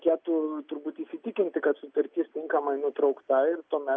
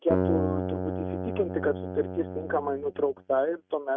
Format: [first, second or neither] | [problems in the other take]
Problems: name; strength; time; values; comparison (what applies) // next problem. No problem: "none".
first | noise reduction (neural mask model RNNoise)